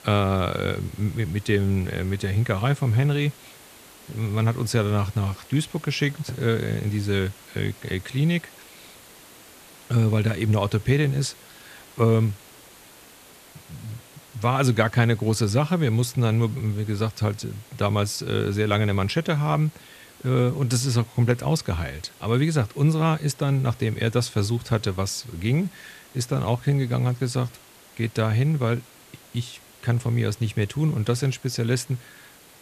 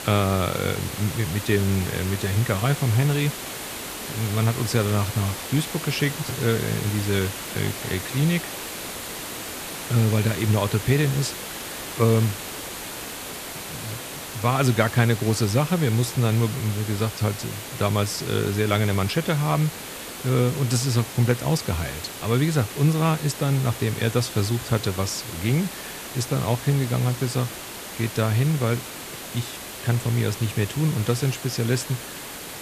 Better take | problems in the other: first | hiss; loud; throughout; 9 dB below the speech; faint in the first

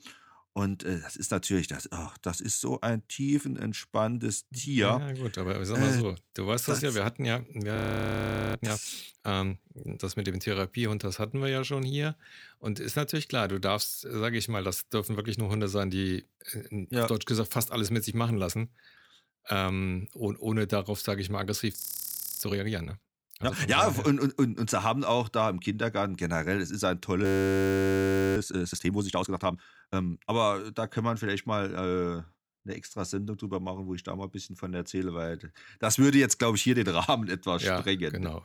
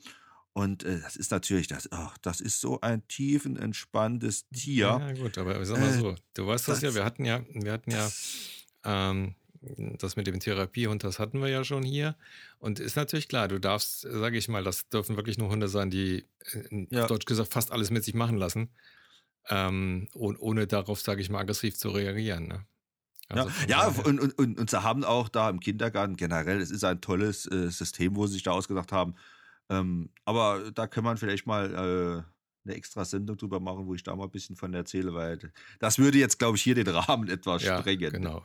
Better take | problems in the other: second | audio freezing; at 8 s for 1 s, at 22 s for 0.5 s and at 27 s for 1 s

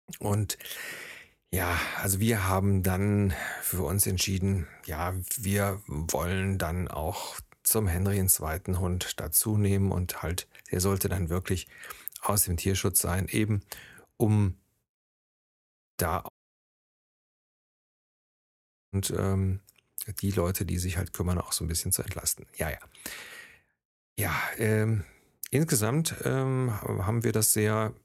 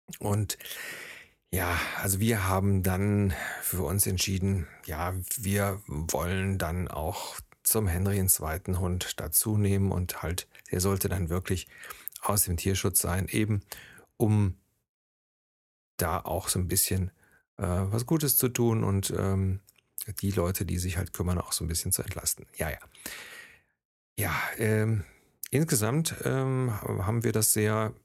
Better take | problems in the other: second | audio cutting out; at 16 s for 2.5 s

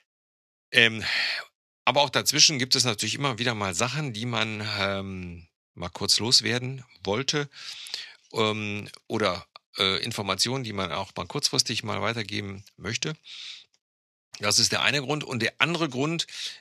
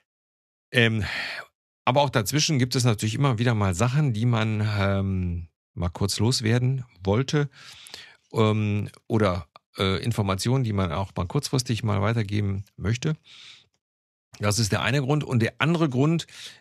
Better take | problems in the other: second | thin; somewhat; fading below 350 Hz

